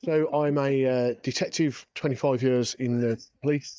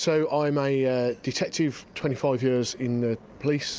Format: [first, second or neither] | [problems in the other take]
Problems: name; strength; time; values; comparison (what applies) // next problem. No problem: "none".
second | noise reduction (neural mask model DeepFilterNet 3)